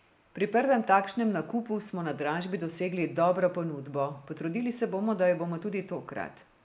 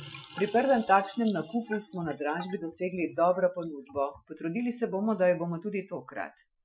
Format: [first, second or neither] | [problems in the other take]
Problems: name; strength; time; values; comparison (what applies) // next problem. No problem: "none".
first | noise reduction (classical method Wiener filter)